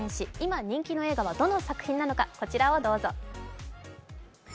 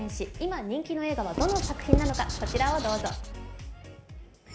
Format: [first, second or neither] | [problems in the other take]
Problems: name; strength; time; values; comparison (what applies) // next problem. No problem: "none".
first | background sound (Writing); 1 dB above the speech // room echo; dies away in 1.6 s